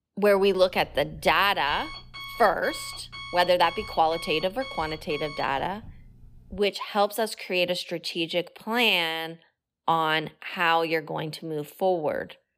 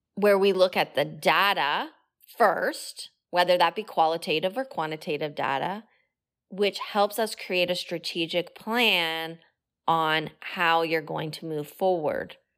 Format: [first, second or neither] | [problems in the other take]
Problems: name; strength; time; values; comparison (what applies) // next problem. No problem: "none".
second | alarm; faint; until 6.5 s; peak 10 dB below the speech